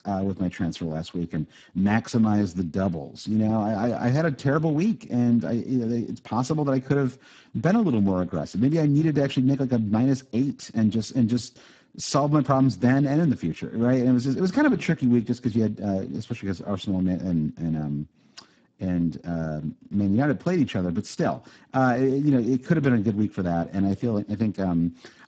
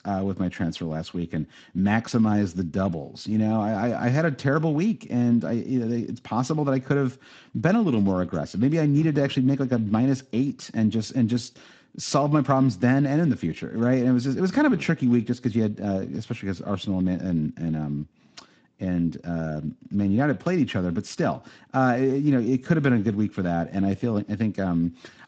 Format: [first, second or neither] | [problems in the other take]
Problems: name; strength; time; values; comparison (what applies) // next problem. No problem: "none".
second | garbled, watery; badly; nothing above 7.5 kHz; slightly in the second